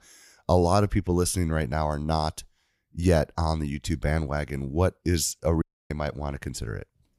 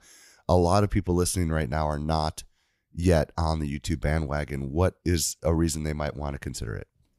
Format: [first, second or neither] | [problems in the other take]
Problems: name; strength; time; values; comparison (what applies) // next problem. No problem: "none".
second | audio cutting out; at 5.5 s